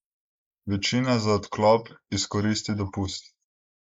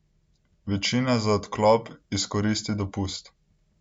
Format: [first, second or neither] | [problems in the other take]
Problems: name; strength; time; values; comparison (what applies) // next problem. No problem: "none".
second | noise reduction (neural mask model Resemble Enhance denoiser)